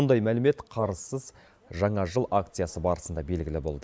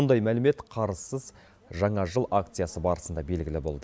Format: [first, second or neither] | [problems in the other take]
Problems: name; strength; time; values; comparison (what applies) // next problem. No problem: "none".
second | noise reduction (neural mask model Resemble Enhance denoiser)